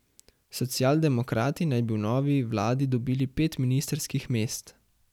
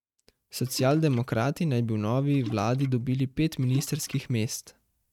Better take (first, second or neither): first